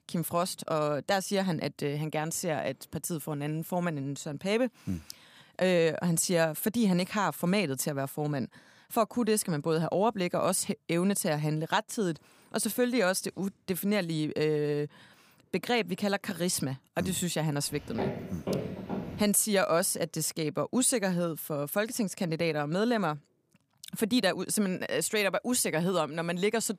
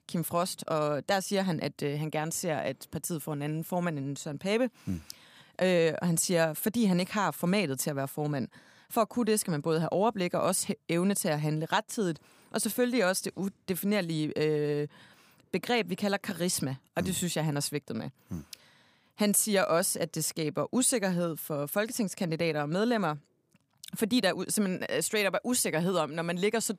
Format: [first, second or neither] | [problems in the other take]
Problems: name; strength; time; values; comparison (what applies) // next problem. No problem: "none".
second | footsteps; noticeable; from 18 to 19 s; peak 4 dB below the speech